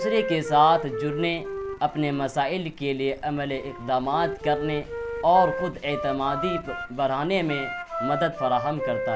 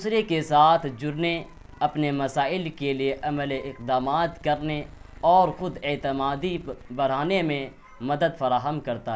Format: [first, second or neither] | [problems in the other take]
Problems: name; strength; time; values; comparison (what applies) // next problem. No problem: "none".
second | background sound (Wind instrument, woodwind instrument); 7 dB below the speech